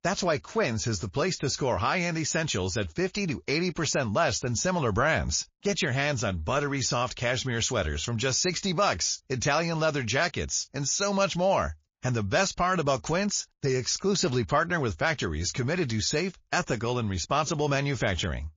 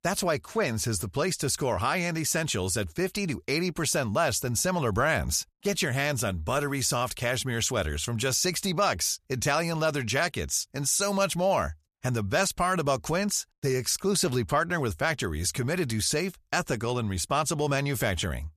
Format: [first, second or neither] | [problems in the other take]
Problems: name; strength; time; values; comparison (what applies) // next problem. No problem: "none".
second | garbled, watery; slightly; nothing above 6 kHz